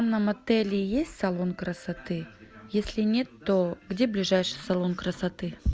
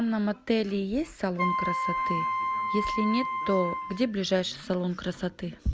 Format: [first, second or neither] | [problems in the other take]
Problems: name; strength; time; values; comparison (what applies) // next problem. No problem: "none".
first | background sound (Wind instrument, woodwind instrument); 1 dB below the speech